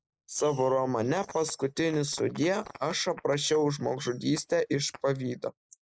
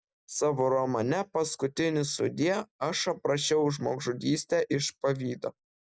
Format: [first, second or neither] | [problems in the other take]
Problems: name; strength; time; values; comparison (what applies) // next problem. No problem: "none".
second | noise reduction (neural mask model Resemble Enhance denoiser)